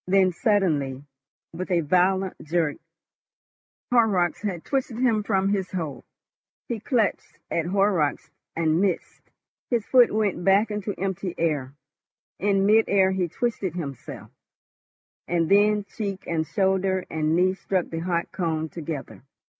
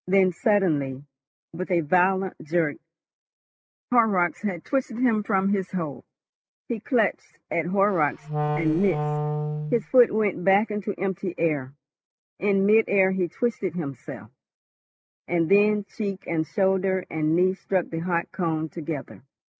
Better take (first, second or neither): first